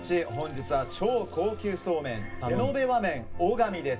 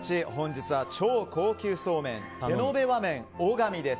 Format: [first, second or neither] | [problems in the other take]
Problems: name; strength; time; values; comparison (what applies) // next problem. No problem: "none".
second | background sound (Sink (filling or washing) / Water tap, faucet); 13 dB below the speech // room echo; dies away in 0.4 s